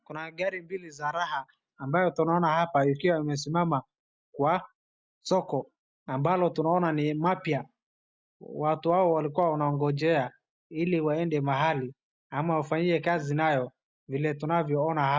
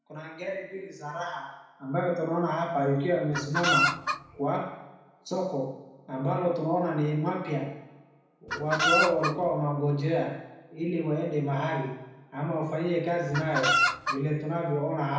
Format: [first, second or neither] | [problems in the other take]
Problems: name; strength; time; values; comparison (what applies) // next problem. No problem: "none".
first | background sound (Chicken, rooster); 2 dB above the speech // room echo; dies away in 0.8 s